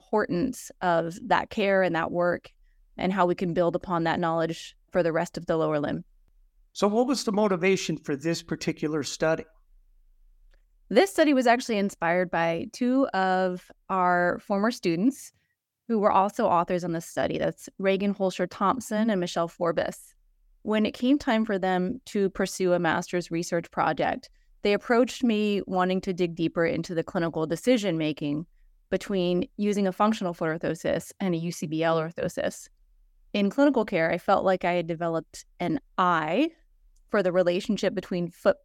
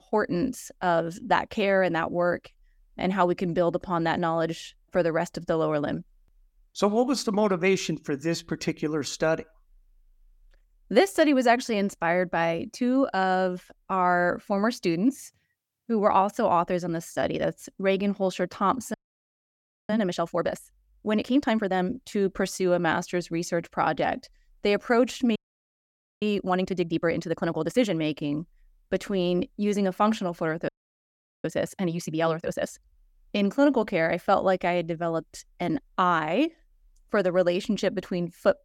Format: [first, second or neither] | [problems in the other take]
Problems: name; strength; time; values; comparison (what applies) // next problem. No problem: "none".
first | audio freezing; at 19 s for 1 s, at 25 s for 1 s and at 31 s for 1 s